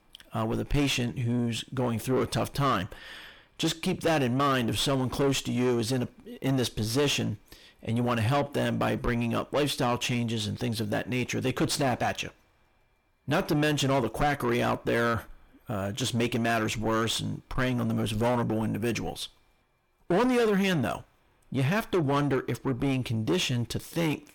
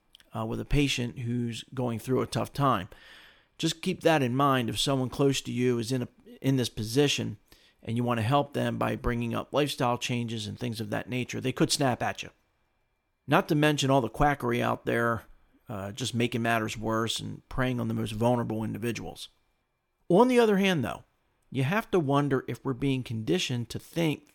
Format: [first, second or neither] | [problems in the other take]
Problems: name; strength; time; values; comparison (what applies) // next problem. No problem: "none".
second | distortion; heavy; 6 dB below the speech